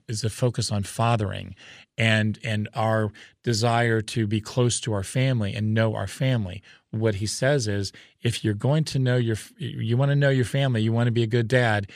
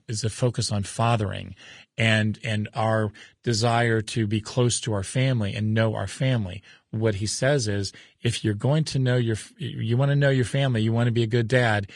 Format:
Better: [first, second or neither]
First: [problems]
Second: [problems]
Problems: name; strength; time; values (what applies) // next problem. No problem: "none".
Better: first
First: none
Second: garbled, watery; slightly